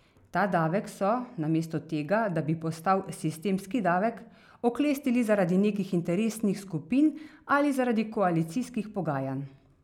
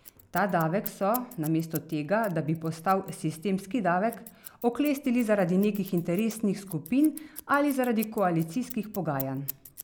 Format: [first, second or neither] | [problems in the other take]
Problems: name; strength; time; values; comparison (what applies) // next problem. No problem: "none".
first | background sound (Scissors); 18 dB below the speech